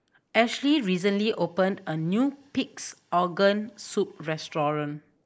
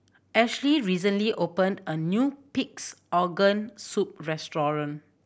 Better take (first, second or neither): second